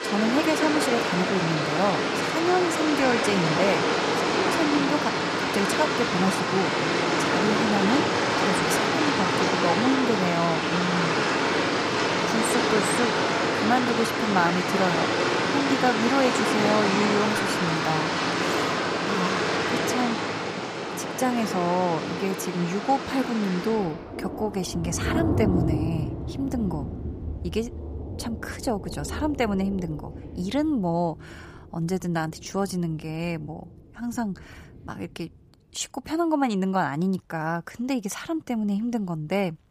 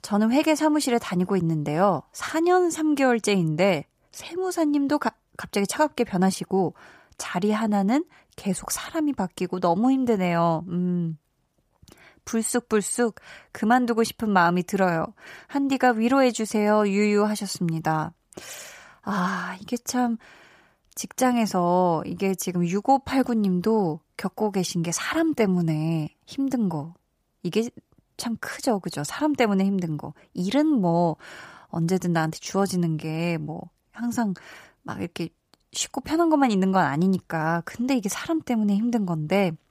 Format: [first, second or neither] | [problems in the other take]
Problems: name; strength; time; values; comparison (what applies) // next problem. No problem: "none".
second | rain or running water; very loud; throughout; 2 dB above the speech